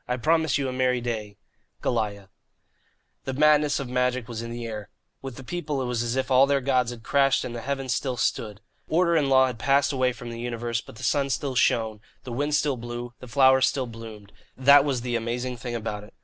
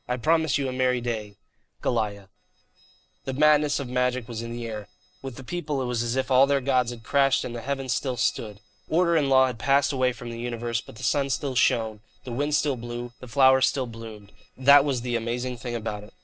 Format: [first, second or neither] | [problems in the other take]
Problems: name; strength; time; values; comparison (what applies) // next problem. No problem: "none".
first | noise reduction (neural separator model SepFormer DNS4)